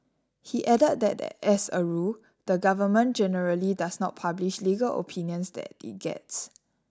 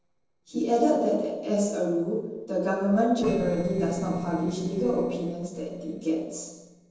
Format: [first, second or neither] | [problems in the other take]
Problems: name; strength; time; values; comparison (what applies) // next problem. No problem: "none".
first | noise reduction (neural separator model SepFormer DNS4)